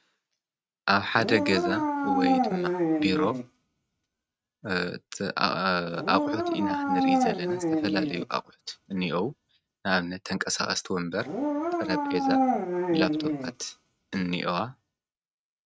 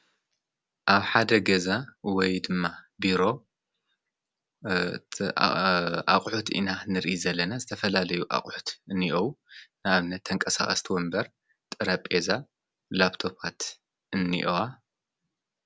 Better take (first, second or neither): second